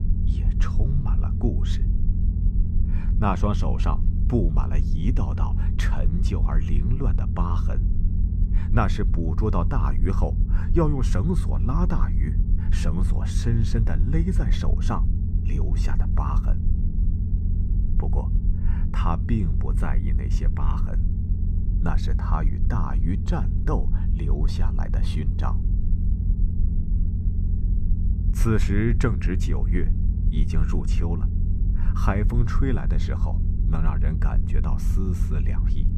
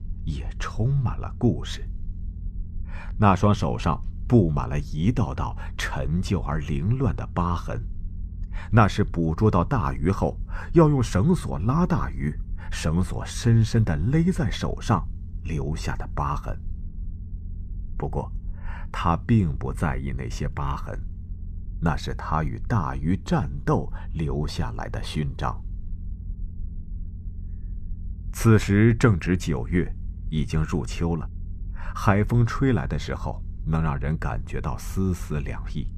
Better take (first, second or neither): second